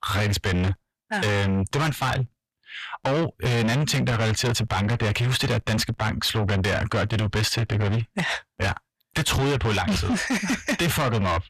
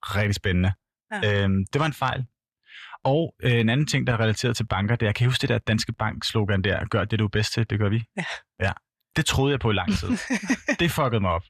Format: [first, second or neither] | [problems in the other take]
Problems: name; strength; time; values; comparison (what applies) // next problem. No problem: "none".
second | distortion; heavy; 6 dB below the speech